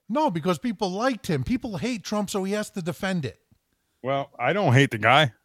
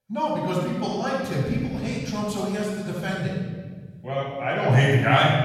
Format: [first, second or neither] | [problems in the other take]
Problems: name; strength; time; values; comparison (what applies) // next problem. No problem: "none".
first | off-mic speech; far // room echo; strong; dies away in 1.6 s